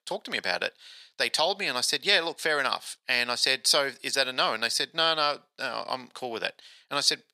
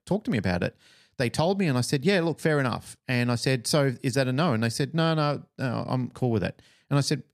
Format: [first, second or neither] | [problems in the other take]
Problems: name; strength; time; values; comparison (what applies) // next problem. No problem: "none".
second | thin; very; fading below 750 Hz